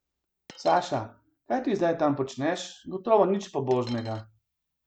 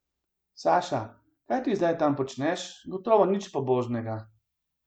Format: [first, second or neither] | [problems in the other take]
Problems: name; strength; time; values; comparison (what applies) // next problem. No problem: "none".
second | background sound (Coin (dropping)); 18 dB below the speech